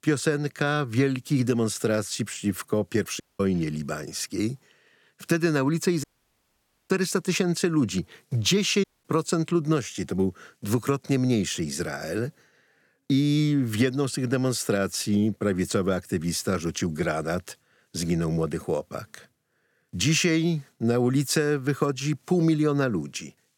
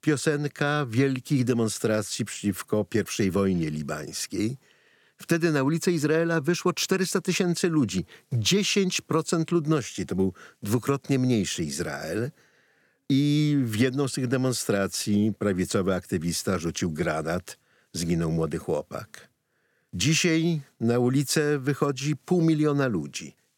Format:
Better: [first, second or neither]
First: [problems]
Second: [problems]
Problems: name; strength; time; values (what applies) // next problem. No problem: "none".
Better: second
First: audio cutting out; at 3 s, at 6 s for 1 s and at 9 s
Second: none